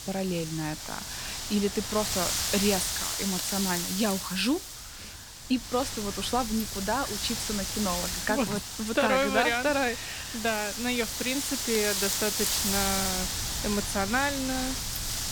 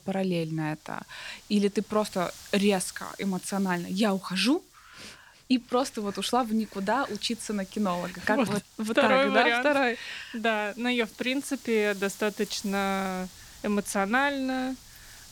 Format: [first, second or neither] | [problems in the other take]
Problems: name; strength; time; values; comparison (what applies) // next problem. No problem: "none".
second | wind noise on the microphone; heavy; 2 dB below the speech; occasional gusts in the second